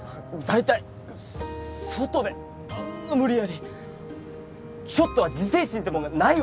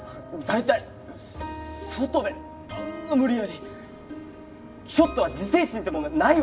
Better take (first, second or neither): first